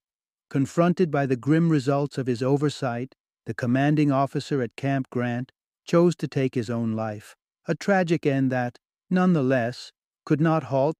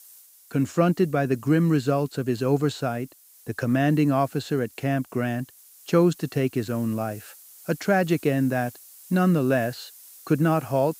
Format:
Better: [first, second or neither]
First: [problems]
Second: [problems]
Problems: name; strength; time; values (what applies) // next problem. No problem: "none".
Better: first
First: none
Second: hiss; faint; throughout; 25 dB below the speech